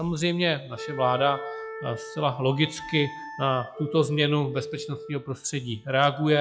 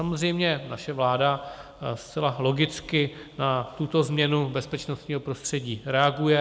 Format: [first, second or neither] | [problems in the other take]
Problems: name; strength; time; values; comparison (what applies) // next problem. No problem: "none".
second | noise reduction (classical method log-MMSE)